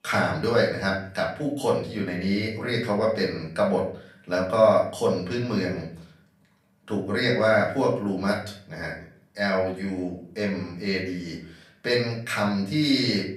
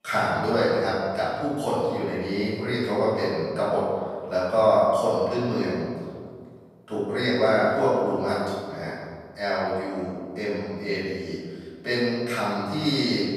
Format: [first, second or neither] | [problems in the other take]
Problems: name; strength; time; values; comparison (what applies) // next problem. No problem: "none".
first | room echo; strong; dies away in 1.7 s; slight in the first // off-mic speech; far; far in the first